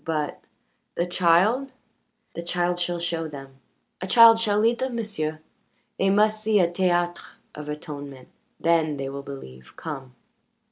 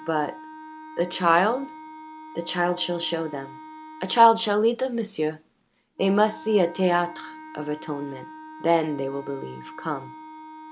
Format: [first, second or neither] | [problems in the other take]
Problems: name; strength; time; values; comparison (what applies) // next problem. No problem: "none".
first | background sound (Wind instrument, woodwind instrument); 16 dB below the speech